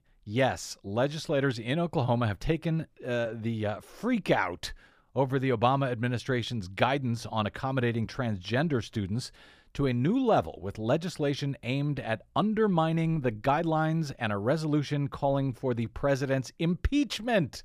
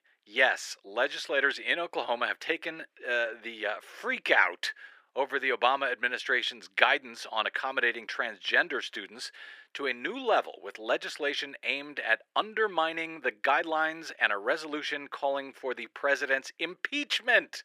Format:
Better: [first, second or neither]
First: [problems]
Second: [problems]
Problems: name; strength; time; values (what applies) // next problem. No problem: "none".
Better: first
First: none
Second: thin; very; fading below 350 Hz